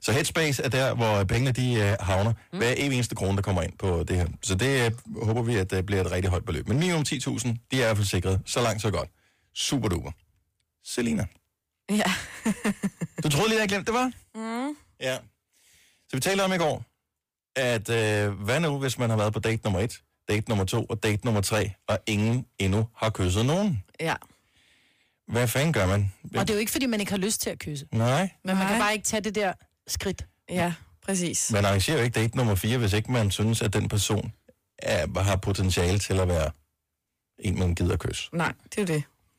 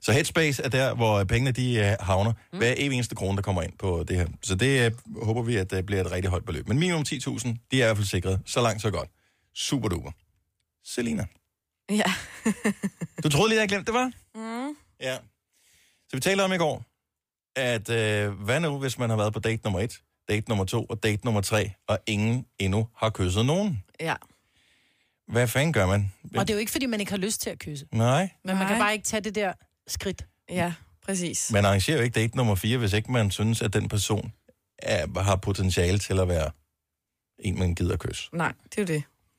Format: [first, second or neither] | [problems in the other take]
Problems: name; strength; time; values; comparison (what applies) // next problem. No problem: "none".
second | distortion; slight; 10% of the sound clipped